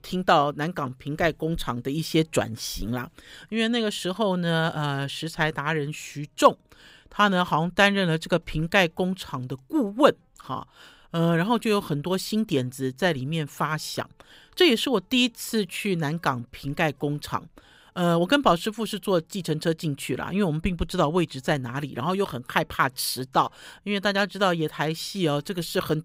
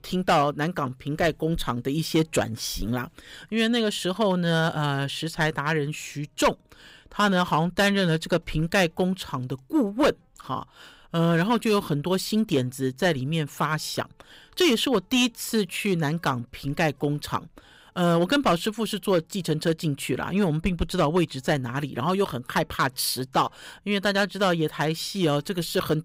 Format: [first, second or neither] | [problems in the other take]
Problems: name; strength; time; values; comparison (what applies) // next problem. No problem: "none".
first | distortion; slight; 3% of the sound clipped